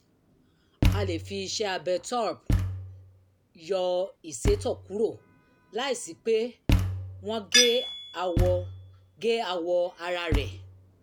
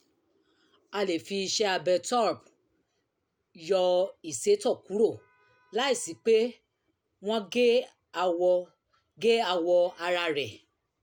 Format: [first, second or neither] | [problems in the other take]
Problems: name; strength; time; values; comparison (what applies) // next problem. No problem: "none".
second | background sound (Tools + Thump, thud); as loud as the speech